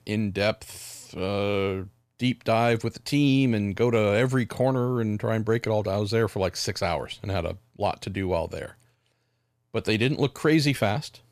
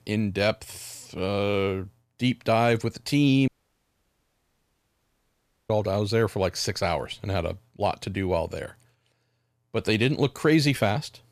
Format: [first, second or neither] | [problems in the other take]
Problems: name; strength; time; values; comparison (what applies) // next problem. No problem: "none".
first | audio cutting out; at 3.5 s for 2 s